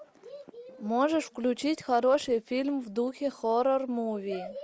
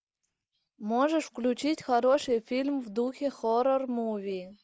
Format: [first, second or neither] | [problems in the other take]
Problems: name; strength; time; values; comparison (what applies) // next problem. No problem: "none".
first | noise reduction (neural mask model Resemble Enhance denoiser)